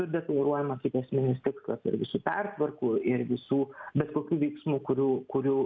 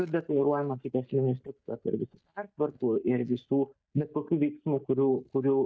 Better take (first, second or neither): first